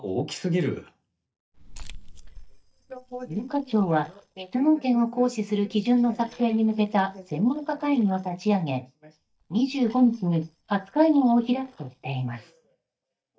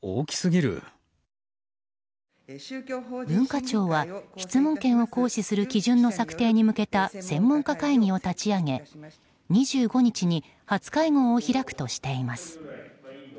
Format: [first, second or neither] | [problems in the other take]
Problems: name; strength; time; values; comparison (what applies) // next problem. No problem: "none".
second | noise reduction (neural mask model DeepFilterNet 3)